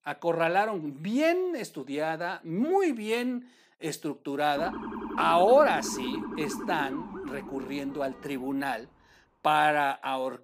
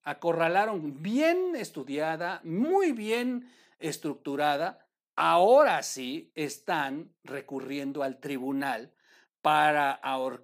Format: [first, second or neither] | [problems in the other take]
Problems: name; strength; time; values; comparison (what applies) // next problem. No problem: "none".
second | siren; noticeable; from 4.5 to 8.5 s; peak 7 dB below the speech